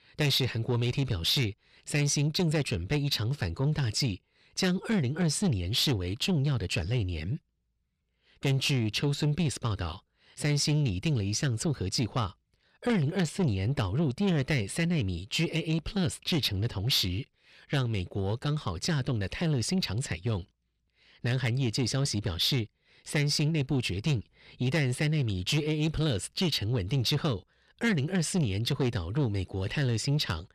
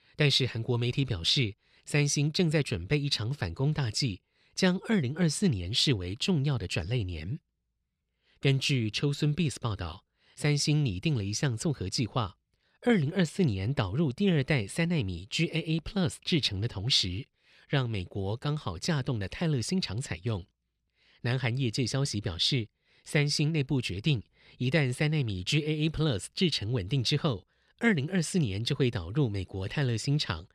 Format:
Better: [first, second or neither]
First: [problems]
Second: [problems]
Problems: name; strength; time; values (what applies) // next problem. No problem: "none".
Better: second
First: distortion; slight; 10 dB below the speech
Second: none